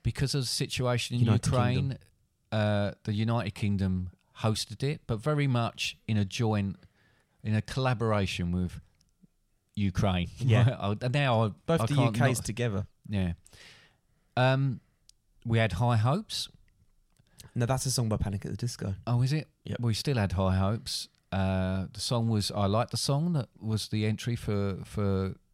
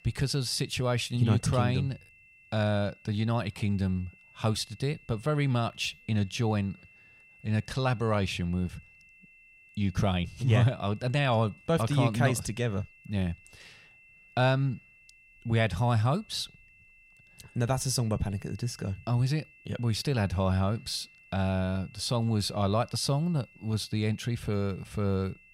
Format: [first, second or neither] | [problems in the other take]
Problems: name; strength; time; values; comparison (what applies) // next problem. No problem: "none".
first | high-pitched whine; faint; throughout; 2.5 kHz, 25 dB below the speech